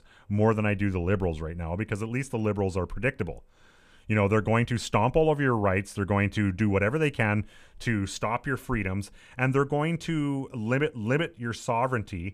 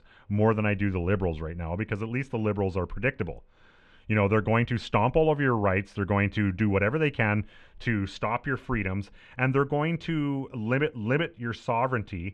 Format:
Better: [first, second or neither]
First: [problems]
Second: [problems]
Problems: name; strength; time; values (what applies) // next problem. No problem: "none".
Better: first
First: none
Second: muffled; slightly; fading above 3 kHz